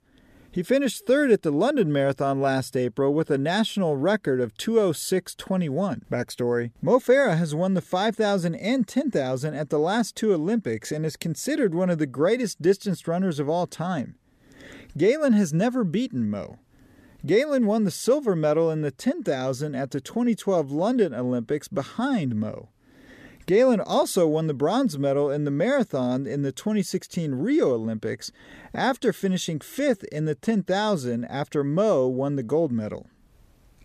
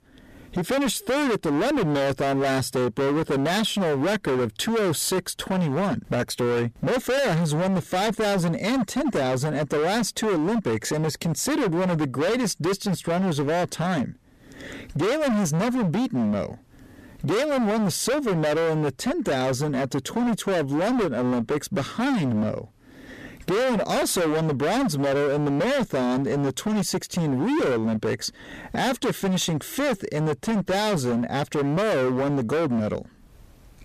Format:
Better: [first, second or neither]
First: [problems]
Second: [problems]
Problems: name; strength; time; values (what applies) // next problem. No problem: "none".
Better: first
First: none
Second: distortion; heavy; 34% of the sound clipped